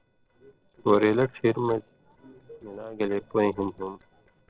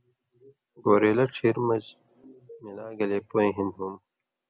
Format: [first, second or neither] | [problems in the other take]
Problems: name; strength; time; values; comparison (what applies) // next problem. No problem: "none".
second | noise reduction (neural separator model SepFormer DNS4)